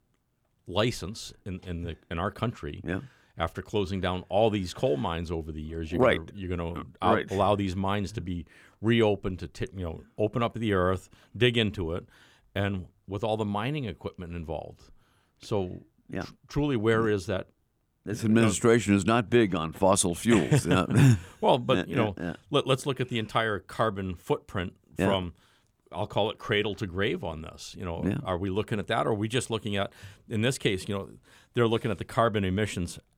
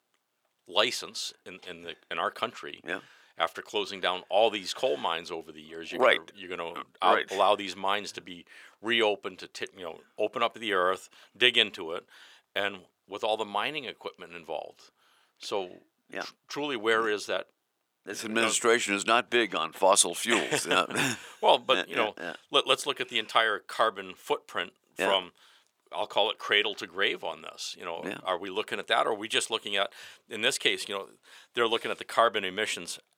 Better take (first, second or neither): first